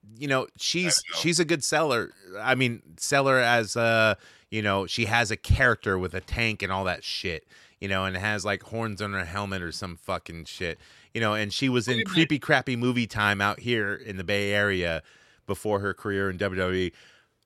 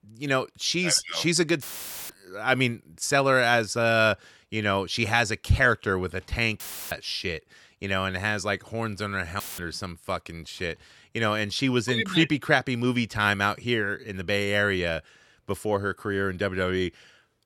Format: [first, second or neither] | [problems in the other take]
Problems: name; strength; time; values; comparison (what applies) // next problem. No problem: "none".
first | audio cutting out; filled with static; at 1.5 s, at 6.5 s and at 9.5 s